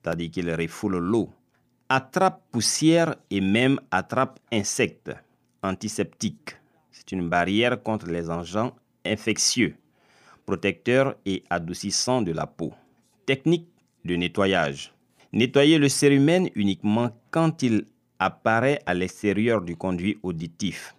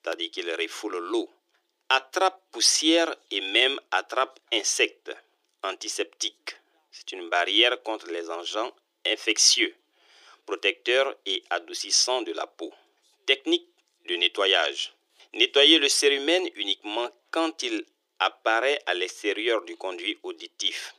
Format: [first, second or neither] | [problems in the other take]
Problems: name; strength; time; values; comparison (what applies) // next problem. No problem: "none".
first | thin; very; fading below 350 Hz